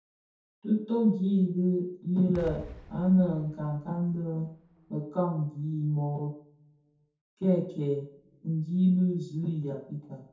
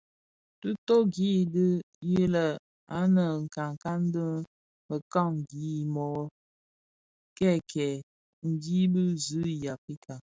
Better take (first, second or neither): second